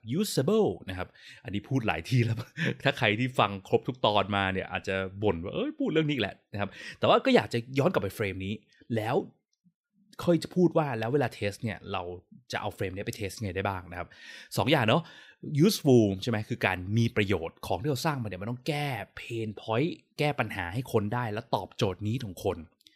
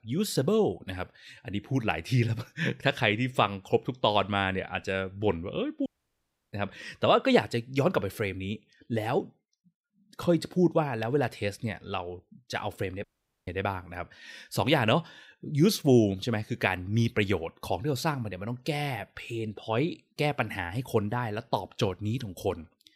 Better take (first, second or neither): first